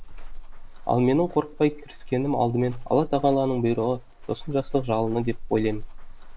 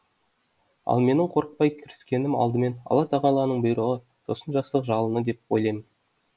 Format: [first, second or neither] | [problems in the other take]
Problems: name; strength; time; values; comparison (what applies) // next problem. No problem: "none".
second | background sound (Walk, footsteps); 10 dB below the speech